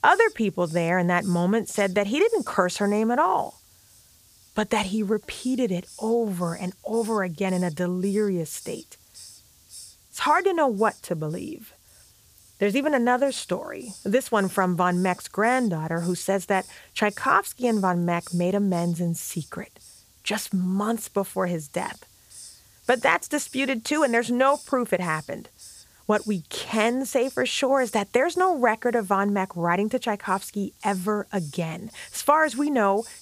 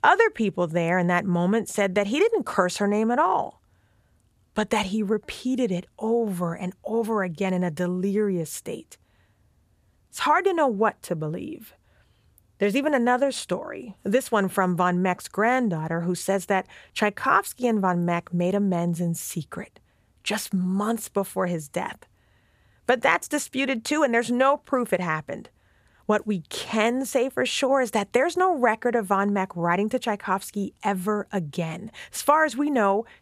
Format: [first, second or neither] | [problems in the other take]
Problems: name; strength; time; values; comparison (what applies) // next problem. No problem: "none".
second | hiss; faint; throughout; 20 dB below the speech